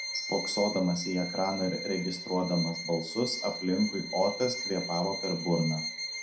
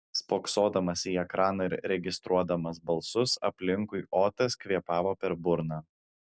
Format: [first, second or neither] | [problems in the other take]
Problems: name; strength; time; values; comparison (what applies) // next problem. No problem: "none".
second | background sound (Bowed string instrument); 7 dB below the speech // room echo; dies away in 0.4 s